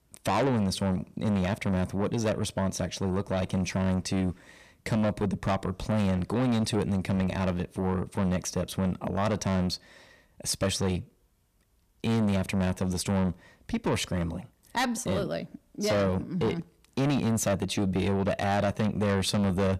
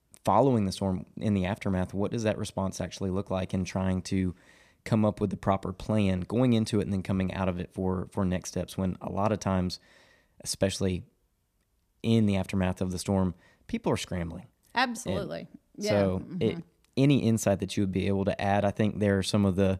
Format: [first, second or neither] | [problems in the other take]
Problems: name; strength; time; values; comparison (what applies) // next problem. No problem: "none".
second | distortion; heavy; 7 dB below the speech